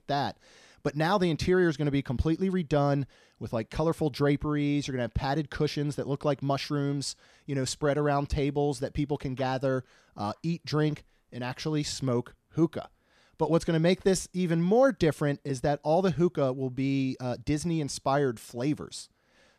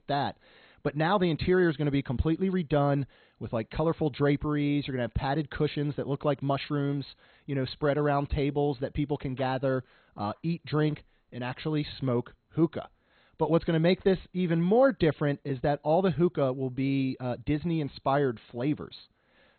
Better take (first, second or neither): first